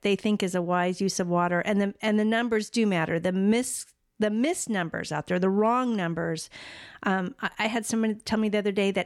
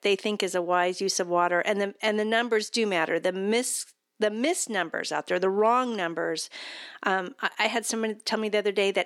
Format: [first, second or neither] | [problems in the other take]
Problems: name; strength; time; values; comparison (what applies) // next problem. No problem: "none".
first | thin; somewhat; fading below 300 Hz